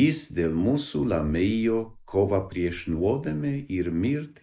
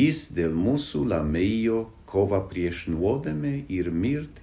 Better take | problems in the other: second | noise reduction (neural mask model Resemble Enhance denoiser)

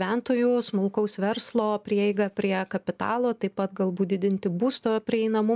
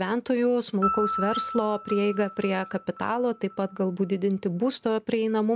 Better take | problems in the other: first | background sound (Piano); 10 dB below the speech

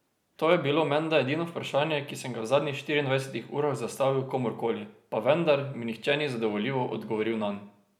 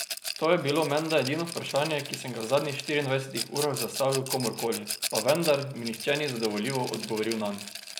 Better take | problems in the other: first | background sound (Rattle); 9 dB below the speech

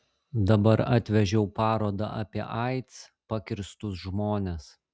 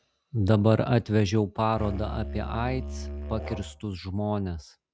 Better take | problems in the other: first | background sound (Musical instrument); 8 dB below the speech

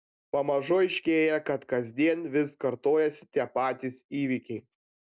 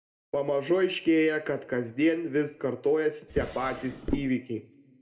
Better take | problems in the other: first | background sound (Drawer open or close); 7 dB below the speech // room echo; dies away in 1.1 s

